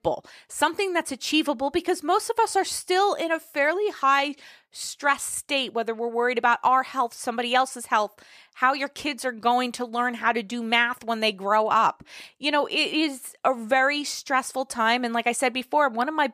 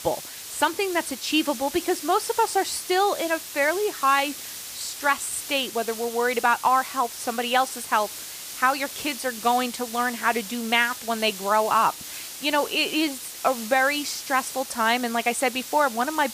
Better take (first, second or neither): first